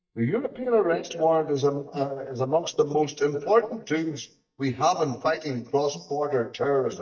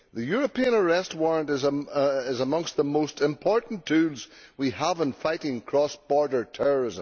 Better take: second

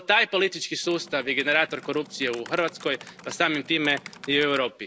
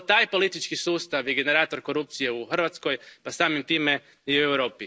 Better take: second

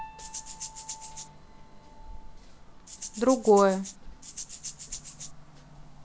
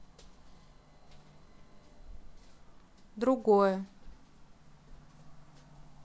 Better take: second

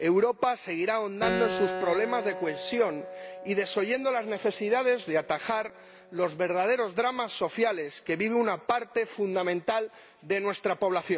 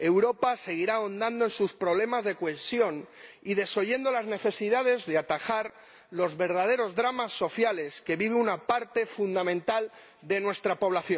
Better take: second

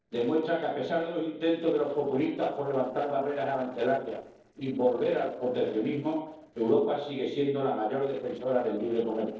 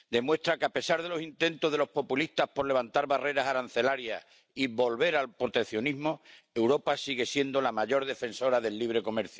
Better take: second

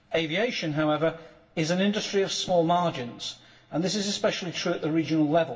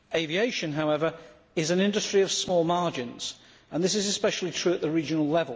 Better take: second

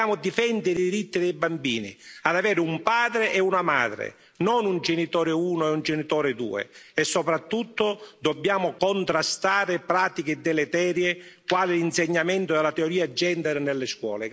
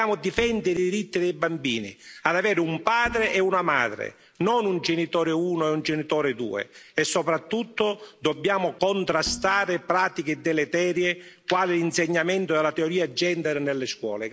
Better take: first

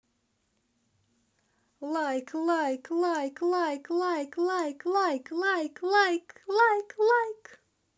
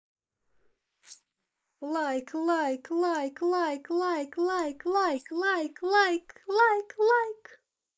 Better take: first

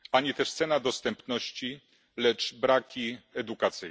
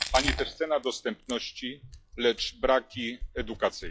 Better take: first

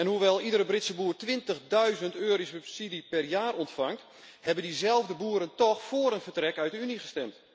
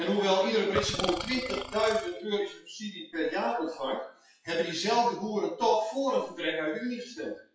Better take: first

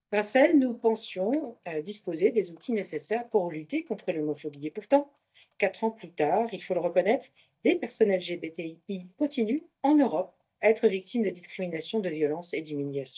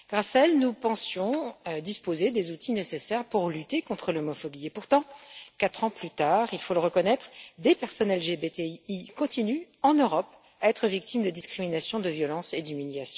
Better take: second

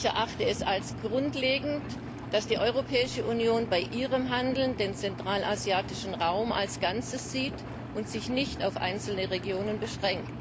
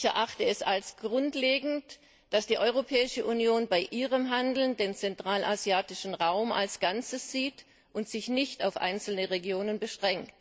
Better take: second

